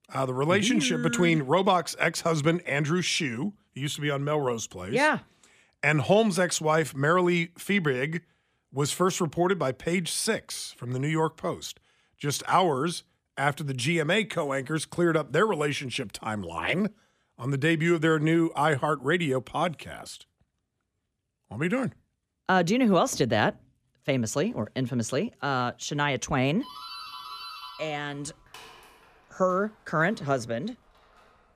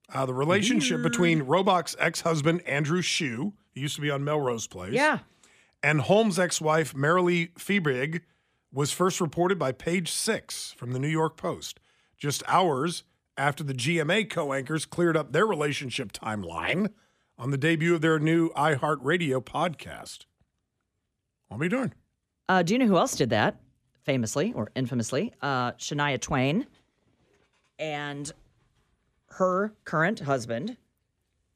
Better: second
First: doorbell; faint; from 27 s on; peak 10 dB below the speech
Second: none

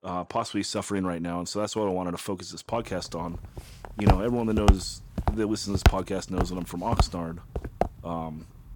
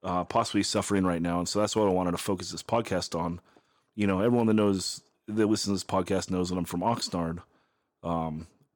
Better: second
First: footsteps; loud; from 4 to 8 s; peak 6 dB above the speech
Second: none

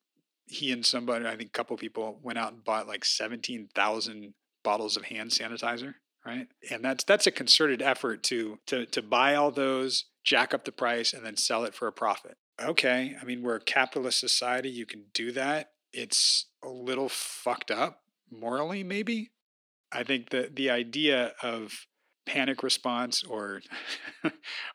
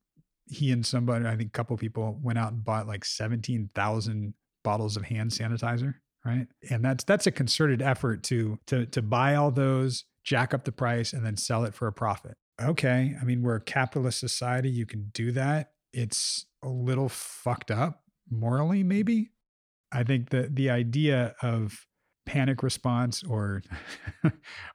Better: second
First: thin; somewhat; fading below 300 Hz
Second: none

